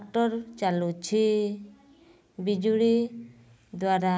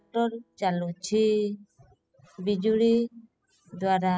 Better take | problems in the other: first | noise reduction (classical method spectral subtraction)

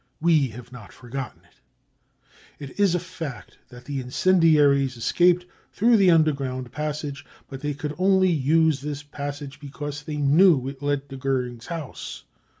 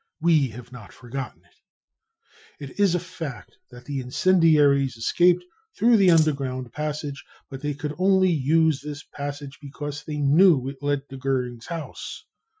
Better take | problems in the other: first | noise reduction (classical method Wiener filter)

